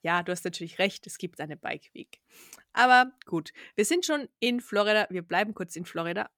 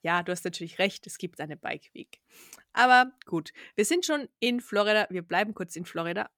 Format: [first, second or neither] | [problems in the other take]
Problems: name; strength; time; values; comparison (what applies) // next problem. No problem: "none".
neither | none